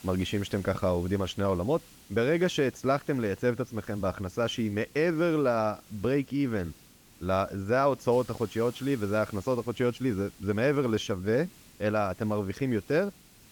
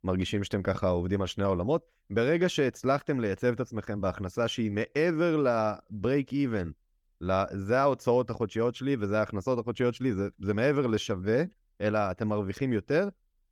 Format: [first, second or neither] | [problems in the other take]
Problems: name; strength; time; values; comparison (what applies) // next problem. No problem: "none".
second | hiss; faint; throughout; 25 dB below the speech